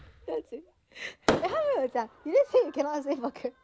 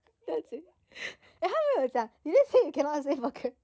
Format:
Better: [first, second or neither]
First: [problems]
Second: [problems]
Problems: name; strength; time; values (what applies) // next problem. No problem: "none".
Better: second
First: background sound (Fireworks); 7 dB below the speech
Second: none